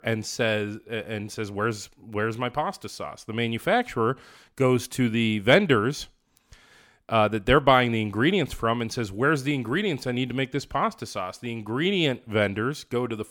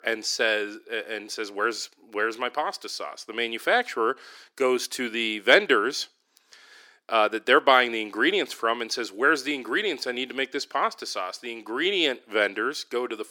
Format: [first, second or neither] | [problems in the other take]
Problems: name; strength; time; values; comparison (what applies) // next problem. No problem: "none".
first | thin; somewhat; fading below 350 Hz